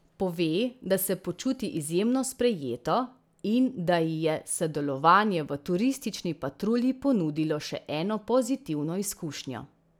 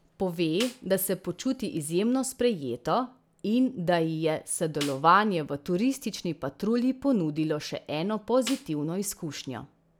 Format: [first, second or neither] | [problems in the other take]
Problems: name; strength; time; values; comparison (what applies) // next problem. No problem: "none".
first | background sound (Snare drum); 16 dB below the speech